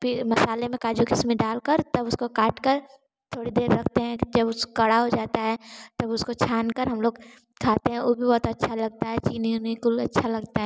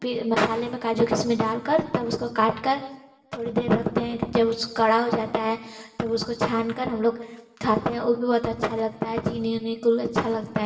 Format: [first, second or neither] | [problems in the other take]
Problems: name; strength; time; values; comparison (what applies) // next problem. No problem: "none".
first | room echo; dies away in 1 s